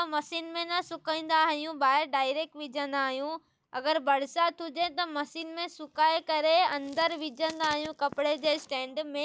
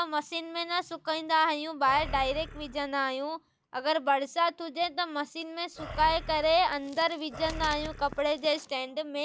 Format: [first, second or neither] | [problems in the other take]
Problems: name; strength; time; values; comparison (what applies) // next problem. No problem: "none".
first | background sound (Animal); 12 dB below the speech